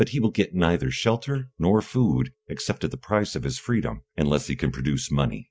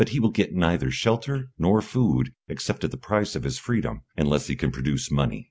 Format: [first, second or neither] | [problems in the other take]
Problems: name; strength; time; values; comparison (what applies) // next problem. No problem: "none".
second | noise reduction (neural mask model DeepFilterNet 3)